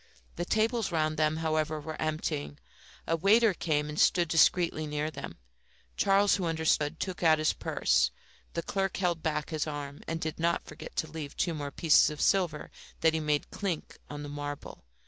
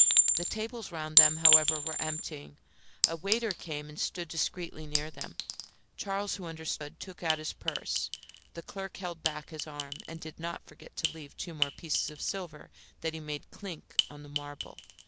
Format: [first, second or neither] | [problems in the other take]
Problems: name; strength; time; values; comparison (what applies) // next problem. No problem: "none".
first | background sound (Chink, clink); 5 dB above the speech